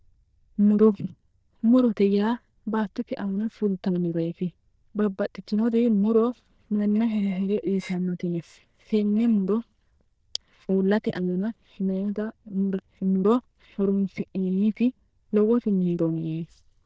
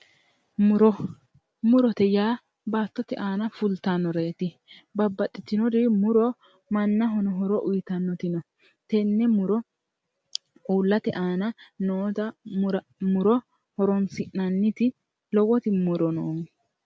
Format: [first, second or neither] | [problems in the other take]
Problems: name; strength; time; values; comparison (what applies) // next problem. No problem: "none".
second | noise reduction (neural diffusion model UNIVERSE++)